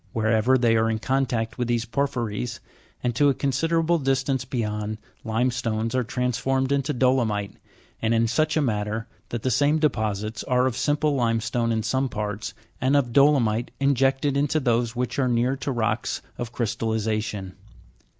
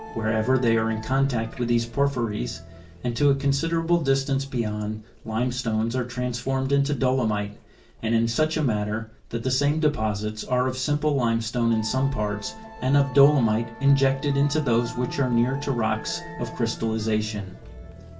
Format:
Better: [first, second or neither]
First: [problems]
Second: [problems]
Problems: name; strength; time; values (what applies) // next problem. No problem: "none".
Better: first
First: none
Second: background sound (Musical instrument); 17 dB below the speech // room echo; dies away in 0.2 s